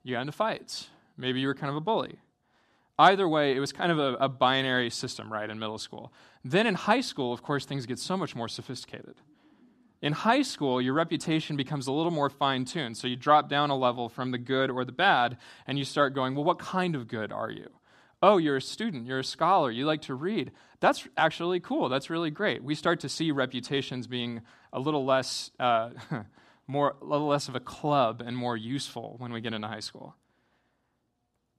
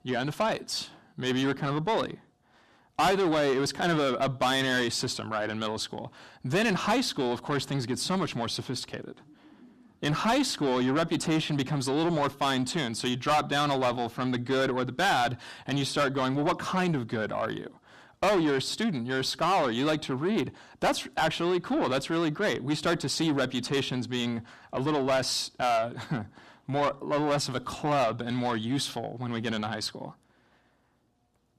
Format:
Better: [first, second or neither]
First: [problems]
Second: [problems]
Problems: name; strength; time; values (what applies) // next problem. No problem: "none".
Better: first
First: none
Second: distortion; heavy; 6 dB below the speech